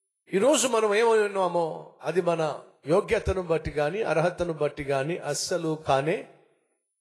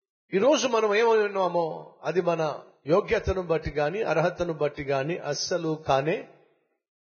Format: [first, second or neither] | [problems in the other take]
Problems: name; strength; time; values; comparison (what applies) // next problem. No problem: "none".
first | garbled, watery; badly; nothing above 6.5 kHz; slightly in the first